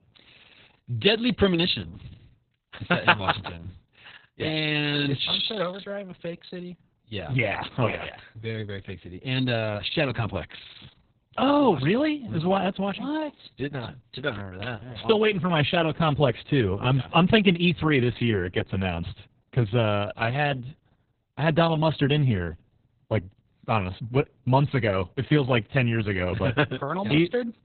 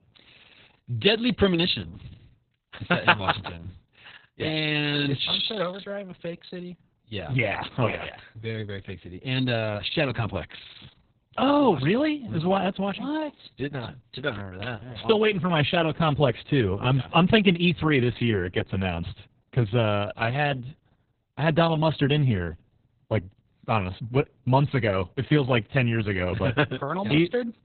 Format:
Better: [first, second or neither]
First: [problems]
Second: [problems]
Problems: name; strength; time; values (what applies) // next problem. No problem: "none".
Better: neither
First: garbled, watery; badly; nothing above 4 kHz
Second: garbled, watery; badly; nothing above 4 kHz